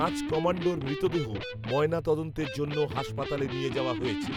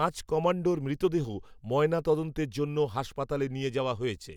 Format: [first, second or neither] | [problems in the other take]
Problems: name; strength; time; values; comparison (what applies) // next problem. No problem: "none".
second | background sound (Electric guitar); 6 dB below the speech